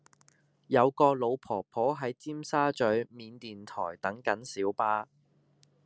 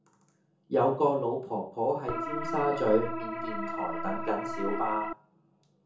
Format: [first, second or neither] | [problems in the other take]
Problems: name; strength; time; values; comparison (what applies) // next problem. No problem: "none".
first | background sound (Organ); 3 dB below the speech // room echo; dies away in 0.6 s